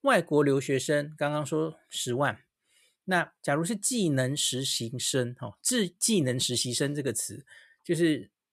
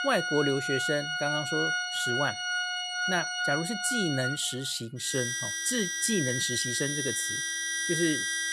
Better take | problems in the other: first | background music; very loud; throughout; 1 dB above the speech

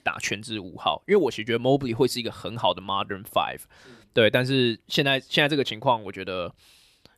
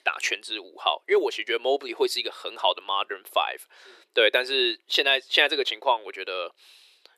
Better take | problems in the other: first | thin; very; fading below 350 Hz

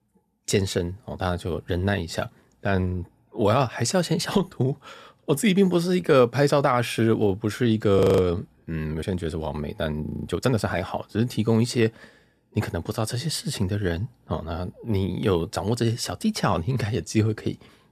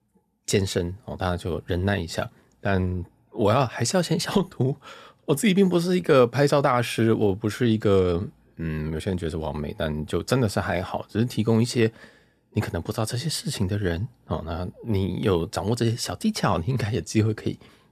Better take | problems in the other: second | audio freezing; at 8 s and at 10 s

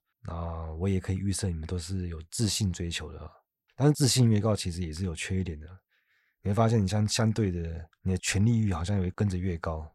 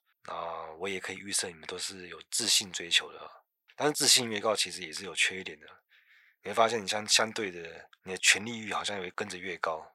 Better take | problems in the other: first | thin; very; fading below 600 Hz

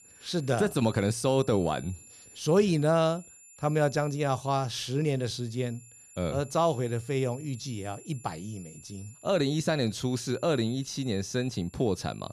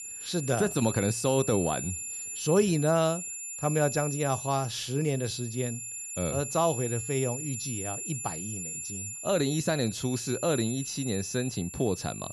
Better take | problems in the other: first | high-pitched whine; loud; throughout; 7 kHz, 6 dB below the speech; faint in the first

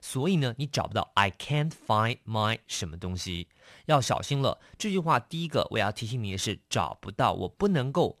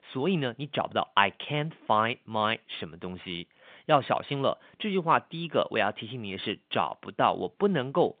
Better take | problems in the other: first | phone-call audio

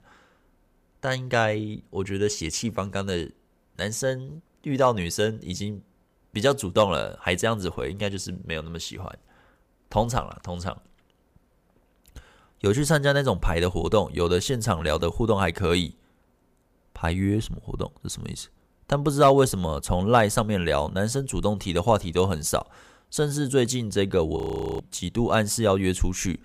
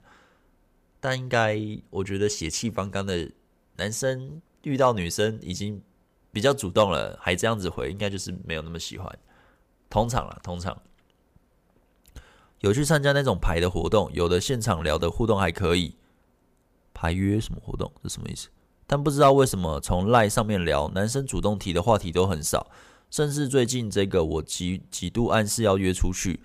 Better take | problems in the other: second | audio freezing; at 24 s

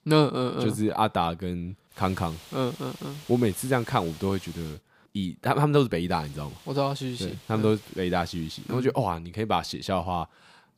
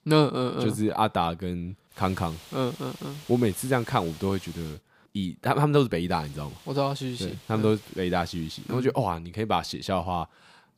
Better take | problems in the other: neither | hiss; noticeable; from 2 to 4.5 s and from 6 to 9 s; 20 dB below the speech; the same in both

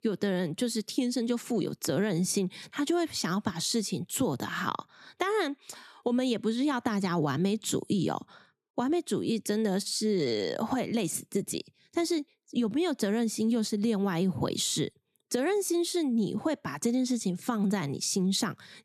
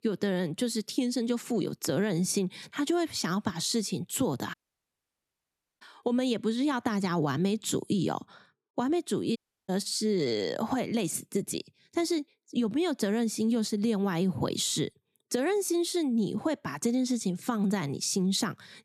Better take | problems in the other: first | audio cutting out; at 4.5 s for 1.5 s and at 9.5 s

